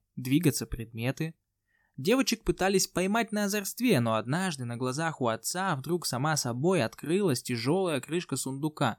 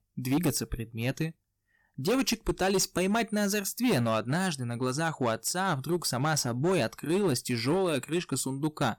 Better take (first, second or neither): first